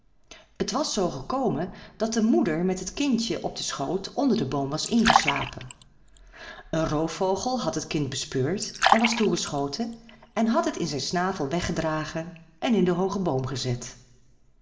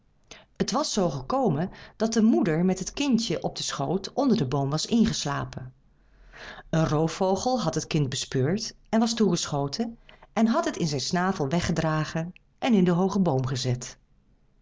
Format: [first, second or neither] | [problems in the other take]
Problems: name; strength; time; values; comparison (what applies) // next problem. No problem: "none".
second | background sound (Fill (with liquid)); 1 dB below the speech // room echo; dies away in 0.8 s